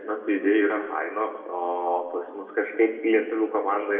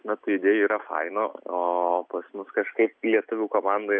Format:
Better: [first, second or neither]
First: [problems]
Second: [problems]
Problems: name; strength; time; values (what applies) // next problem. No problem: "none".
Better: second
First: room echo; dies away in 1.1 s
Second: none